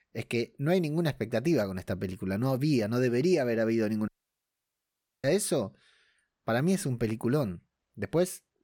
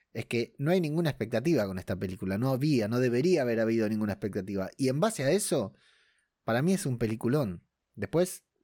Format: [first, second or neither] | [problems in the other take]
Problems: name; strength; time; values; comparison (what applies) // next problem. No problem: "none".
second | audio cutting out; at 4 s for 1 s